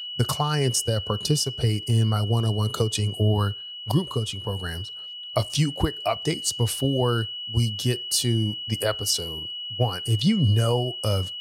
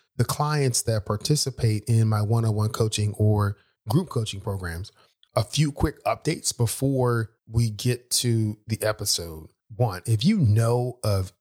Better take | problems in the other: second | high-pitched whine; loud; throughout; 3 kHz, 7 dB below the speech

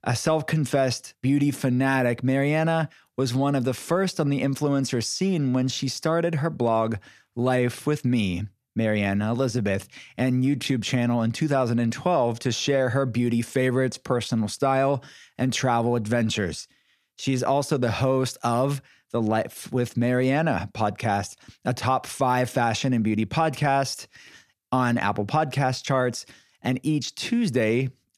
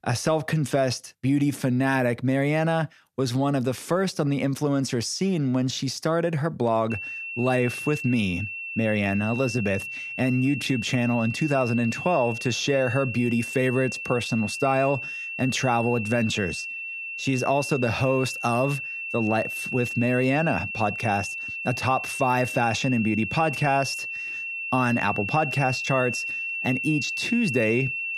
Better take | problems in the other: first | high-pitched whine; loud; from 7 s on; 2.5 kHz, 5 dB below the speech

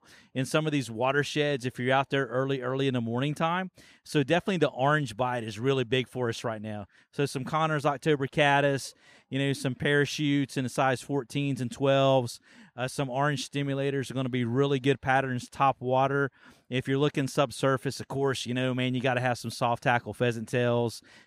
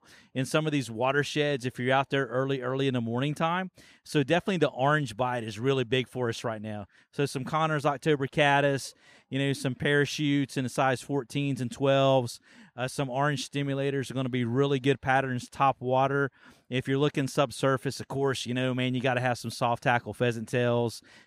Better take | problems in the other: neither | none

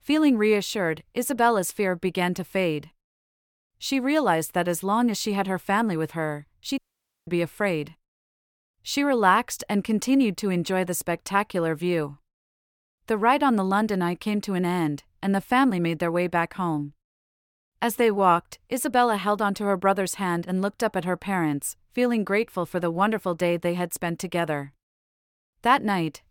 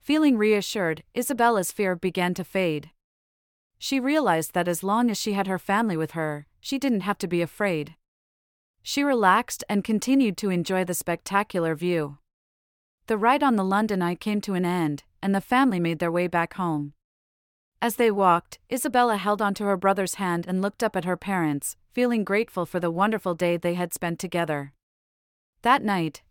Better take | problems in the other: second | audio cutting out; at 7 s

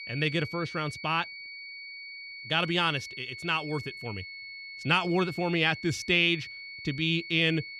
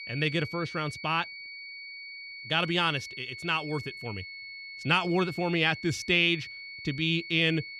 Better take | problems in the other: neither | high-pitched whine; noticeable; throughout; 2 kHz, 10 dB below the speech; the same in both

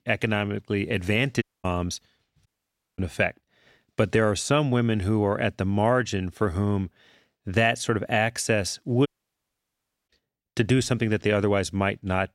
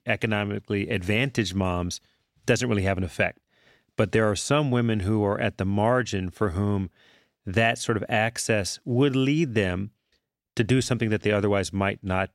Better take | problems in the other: second | audio cutting out; at 1.5 s, at 2.5 s for 0.5 s and at 9 s for 1 s

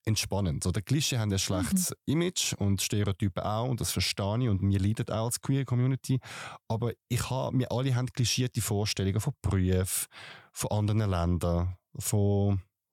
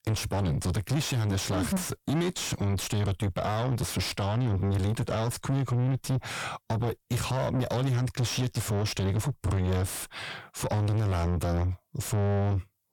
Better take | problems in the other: first | distortion; heavy; 6 dB below the speech

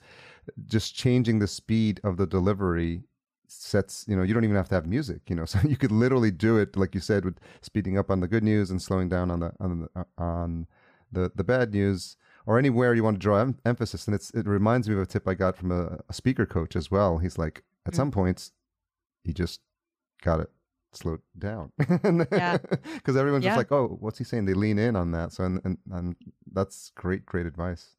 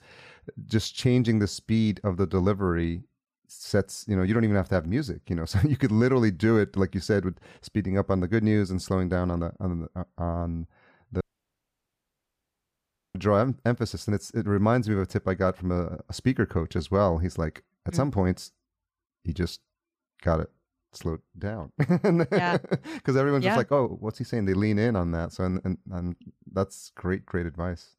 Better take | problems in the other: first | audio cutting out; at 11 s for 2 s

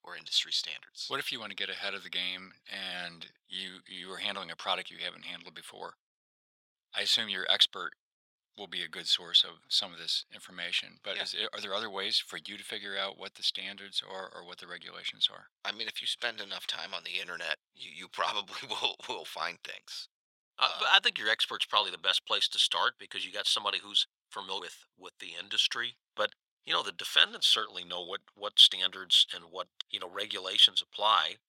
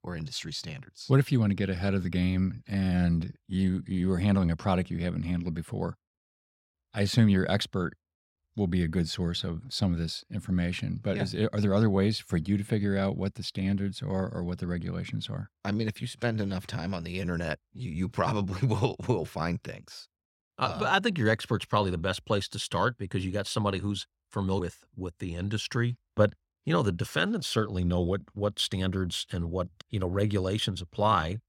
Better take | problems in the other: second | thin; very; fading below 900 Hz

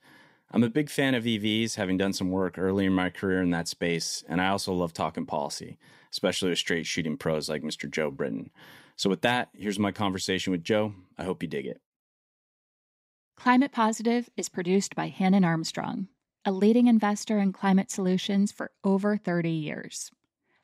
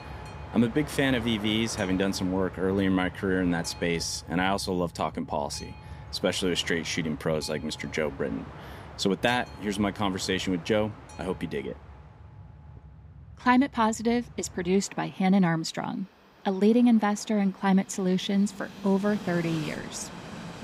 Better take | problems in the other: first | train or aircraft noise; noticeable; throughout; 15 dB below the speech

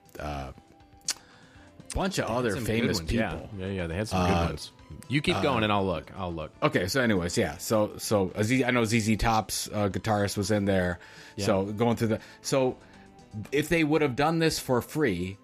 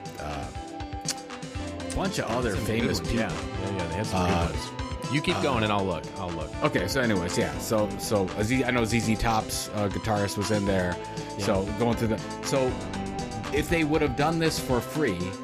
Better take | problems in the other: first | background music; loud; throughout; 7 dB below the speech; faint in the first

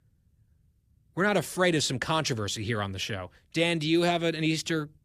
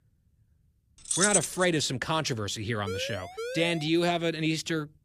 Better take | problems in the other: first | jangling keys; loud; at 1 s; peak 4 dB above the speech // siren; noticeable; from 3 to 4 s; peak 8 dB below the speech

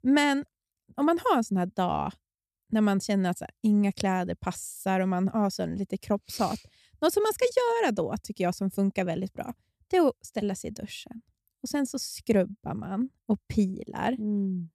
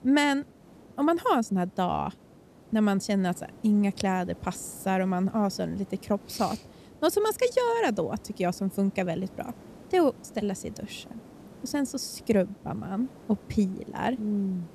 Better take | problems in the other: first | hiss; faint; throughout; 20 dB below the speech

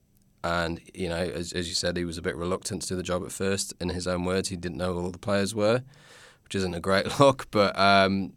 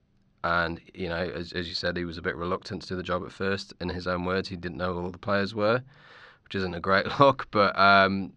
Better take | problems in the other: first | muffled; very slightly; fading above 4.5 kHz

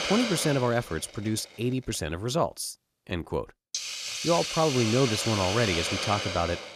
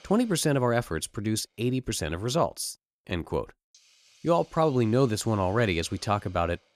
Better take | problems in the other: second | hiss; loud; throughout; 3 dB below the speech; faint in the second

